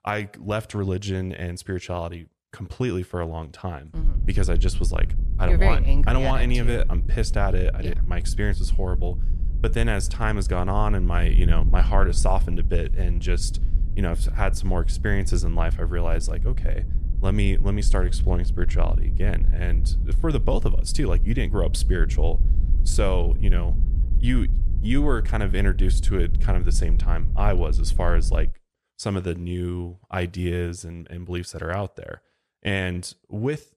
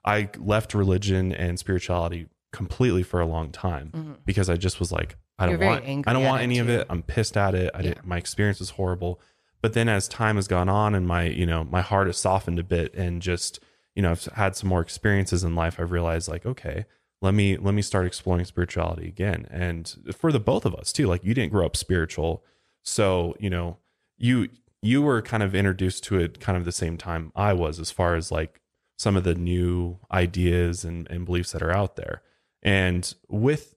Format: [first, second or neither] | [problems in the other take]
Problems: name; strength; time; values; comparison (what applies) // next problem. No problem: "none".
second | wind noise on the microphone; occasional gusts; from 4 to 28 s; 15 dB below the speech